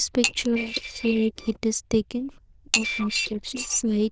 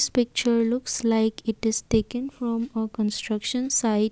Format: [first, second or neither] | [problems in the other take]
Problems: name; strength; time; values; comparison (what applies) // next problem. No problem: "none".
second | noise reduction (neural diffusion model UNIVERSE++)